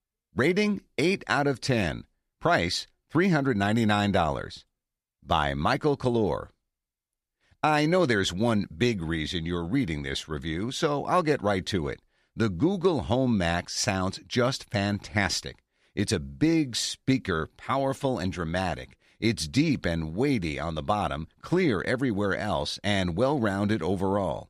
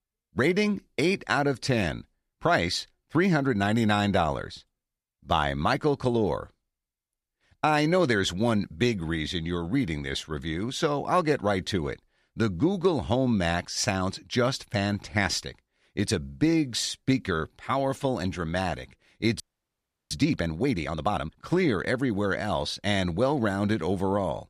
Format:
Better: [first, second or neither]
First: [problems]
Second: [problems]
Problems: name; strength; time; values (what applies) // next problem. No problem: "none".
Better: first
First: none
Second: audio freezing; at 19 s for 0.5 s